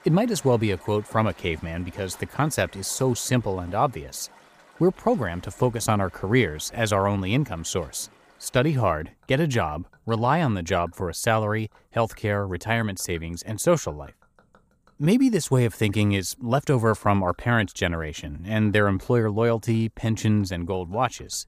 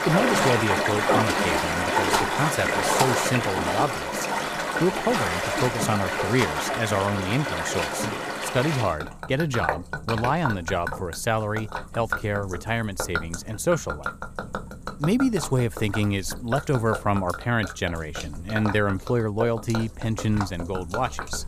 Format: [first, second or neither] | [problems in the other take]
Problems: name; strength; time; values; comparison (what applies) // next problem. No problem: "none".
first | rain or running water; loud; throughout; 1 dB below the speech; faint in the first